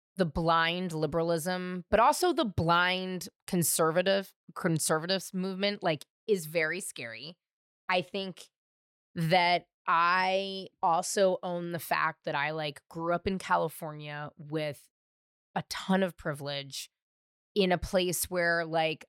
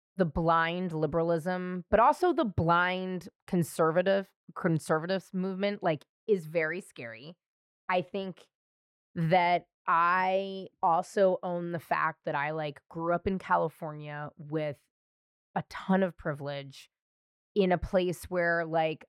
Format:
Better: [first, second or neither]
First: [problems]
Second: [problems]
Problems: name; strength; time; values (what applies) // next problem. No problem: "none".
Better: first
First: none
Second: muffled; slightly; fading above 3 kHz